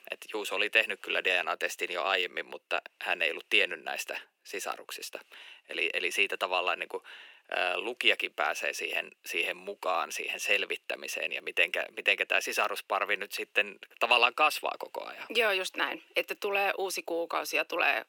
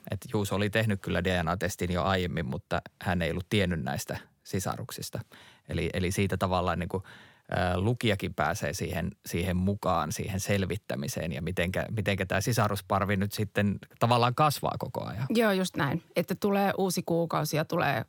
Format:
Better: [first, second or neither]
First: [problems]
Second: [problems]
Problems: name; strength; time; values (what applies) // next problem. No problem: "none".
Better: second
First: thin; very; fading below 350 Hz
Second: none